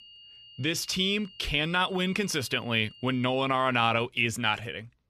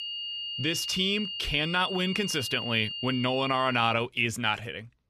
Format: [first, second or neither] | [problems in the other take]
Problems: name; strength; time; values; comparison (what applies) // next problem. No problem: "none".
first | high-pitched whine; loud; until 4 s; 3 kHz, 6 dB below the speech; faint in the first